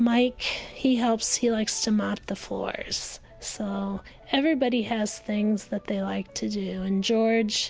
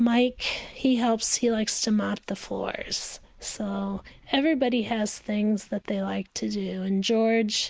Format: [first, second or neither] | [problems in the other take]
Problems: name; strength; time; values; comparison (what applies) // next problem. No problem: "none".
first | noise reduction (neural mask model Resemble Enhance denoiser)